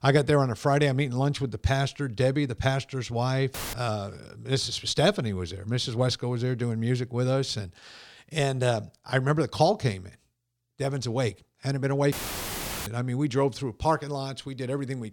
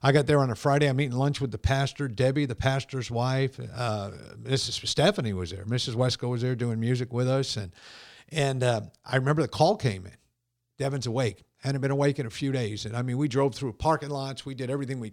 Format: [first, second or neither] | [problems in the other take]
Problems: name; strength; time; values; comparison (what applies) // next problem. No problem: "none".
second | audio cutting out; filled with static; at 3.5 s and at 12 s for 1 s